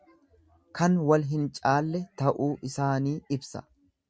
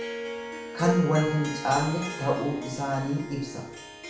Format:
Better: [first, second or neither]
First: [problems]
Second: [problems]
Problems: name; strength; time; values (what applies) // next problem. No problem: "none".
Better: first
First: none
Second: background sound (Harp); 7 dB below the speech // room echo; dies away in 0.7 s